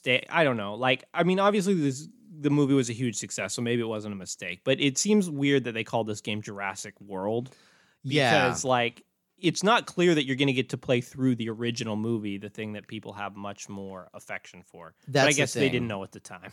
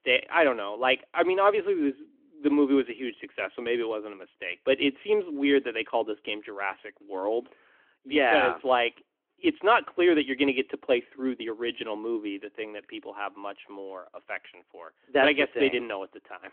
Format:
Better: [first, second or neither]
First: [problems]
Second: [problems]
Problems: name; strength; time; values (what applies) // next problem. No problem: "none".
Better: first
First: none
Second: phone-call audio; nothing above 3.5 kHz